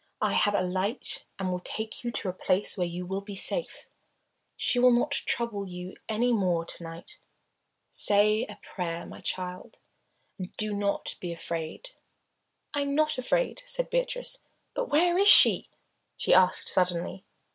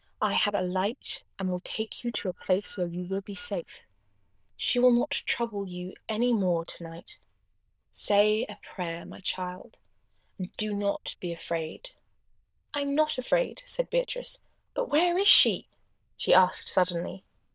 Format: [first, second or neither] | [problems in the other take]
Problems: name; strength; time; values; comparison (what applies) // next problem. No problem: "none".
first | noise reduction (neural diffusion model UNIVERSE++)